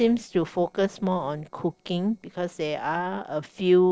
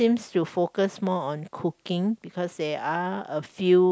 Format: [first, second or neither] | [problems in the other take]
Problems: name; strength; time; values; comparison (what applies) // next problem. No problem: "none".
second | noise reduction (neural separator model SepFormer DNS4)